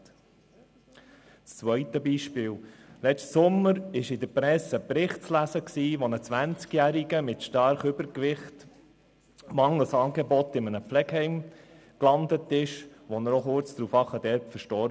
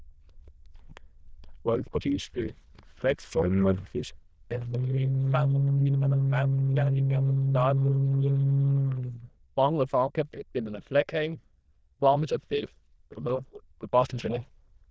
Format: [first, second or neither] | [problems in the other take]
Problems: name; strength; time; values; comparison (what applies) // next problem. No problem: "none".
first | noise reduction (neural diffusion model UNIVERSE++)